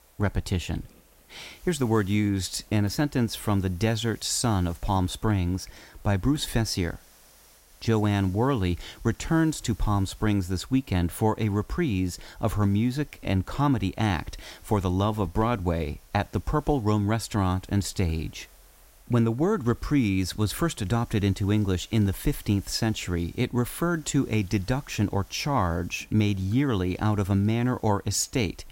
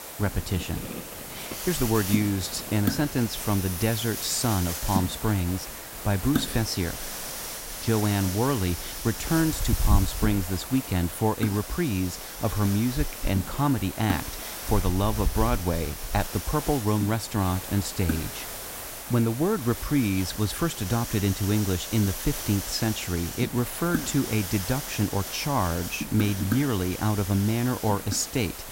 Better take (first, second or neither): first